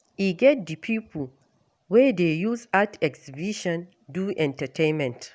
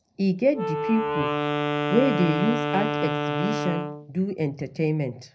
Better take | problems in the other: first | background sound (Wind instrument, woodwind instrument); 2 dB below the speech // room echo; dies away in 0.4 s

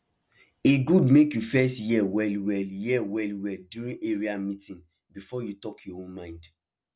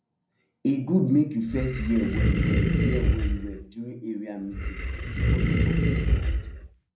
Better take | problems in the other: first | background sound (Animal); 4 dB above the speech // room echo; dies away in 0.6 s

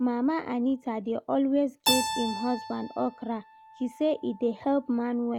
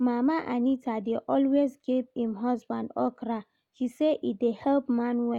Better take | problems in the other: second | background sound (Keyboard (musical)); 8 dB below the speech

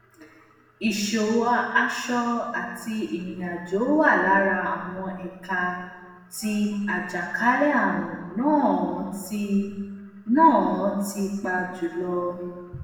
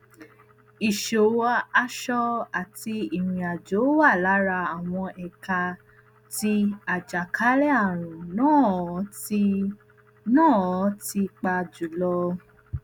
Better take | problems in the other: second | room echo; dies away in 1.2 s

